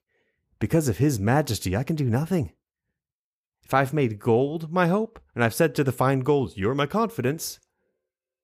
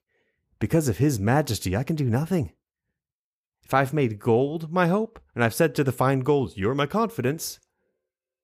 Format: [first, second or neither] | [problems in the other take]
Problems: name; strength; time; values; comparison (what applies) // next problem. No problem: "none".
neither | none